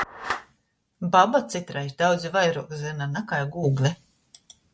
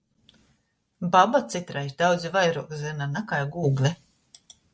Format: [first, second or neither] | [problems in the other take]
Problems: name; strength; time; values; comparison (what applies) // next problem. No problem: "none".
second | background sound (Clapping); 15 dB below the speech